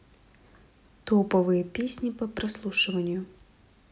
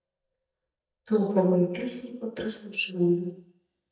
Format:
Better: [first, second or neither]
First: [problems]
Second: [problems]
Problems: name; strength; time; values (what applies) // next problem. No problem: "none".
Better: first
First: none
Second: noise reduction (neural mask model DeepFilterNet 3)